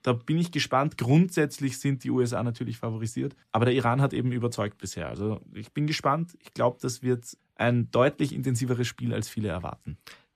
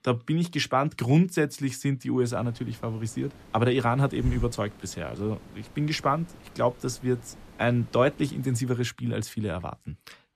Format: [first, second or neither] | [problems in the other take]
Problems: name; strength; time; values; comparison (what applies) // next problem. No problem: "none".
first | hiss; noticeable; from 2.5 to 8.5 s; 15 dB below the speech